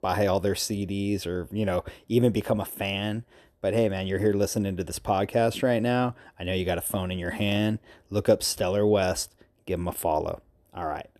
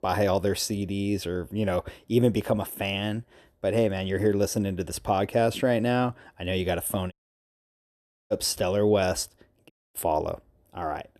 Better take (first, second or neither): first